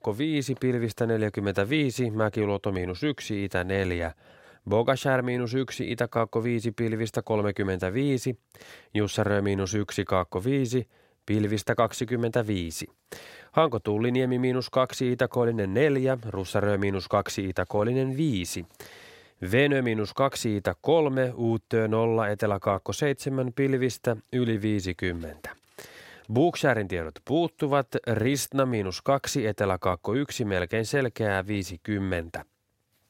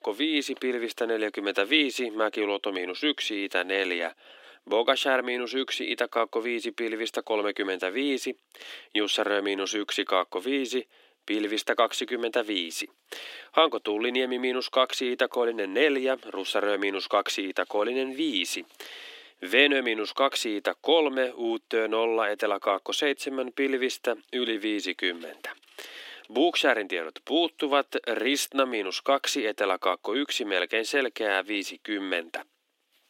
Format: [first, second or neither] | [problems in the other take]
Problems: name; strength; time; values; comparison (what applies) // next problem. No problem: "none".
first | thin; somewhat; fading below 300 Hz